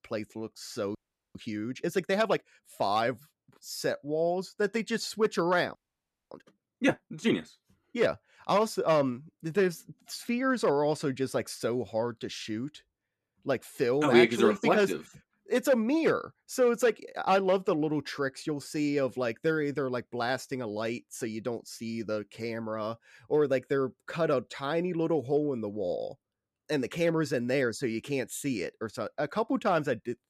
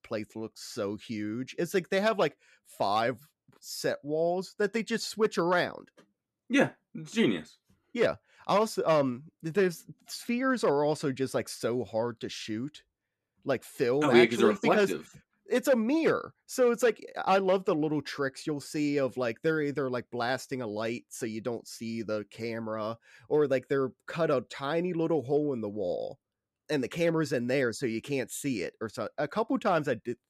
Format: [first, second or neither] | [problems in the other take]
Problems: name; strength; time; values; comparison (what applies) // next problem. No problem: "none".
second | audio freezing; at 1 s and at 6 s for 0.5 s